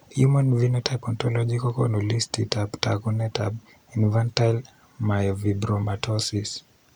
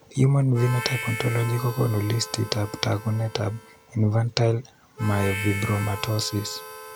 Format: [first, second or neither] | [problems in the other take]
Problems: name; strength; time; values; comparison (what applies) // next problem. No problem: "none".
first | background sound (Harmonica); 12 dB below the speech